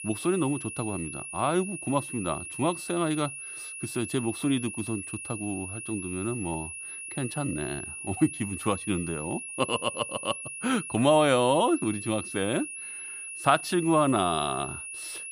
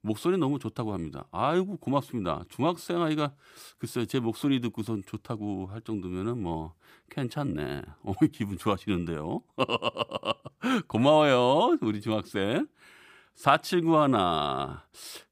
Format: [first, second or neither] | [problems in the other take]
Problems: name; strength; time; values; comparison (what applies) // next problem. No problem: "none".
second | high-pitched whine; loud; throughout; 2.5 kHz, 8 dB below the speech